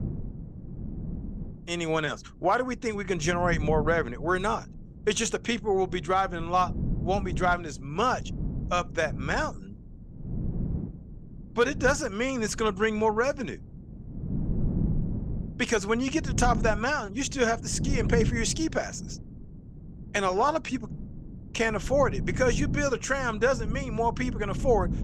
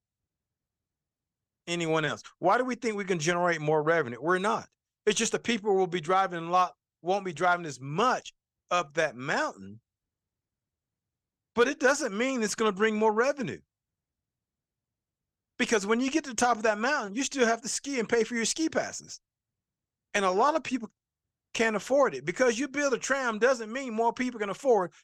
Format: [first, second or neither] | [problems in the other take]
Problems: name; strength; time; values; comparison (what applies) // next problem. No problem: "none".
second | wind noise on the microphone; occasional gusts; 15 dB below the speech